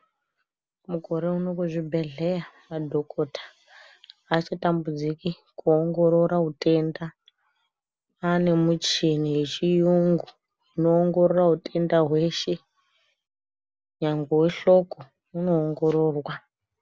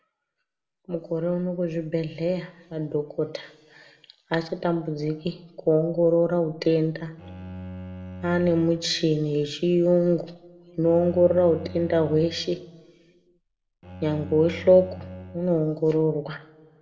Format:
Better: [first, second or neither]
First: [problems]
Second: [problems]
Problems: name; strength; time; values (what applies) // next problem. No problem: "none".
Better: first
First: none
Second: background sound (Bowed string instrument); 15 dB below the speech // room echo; dies away in 1.2 s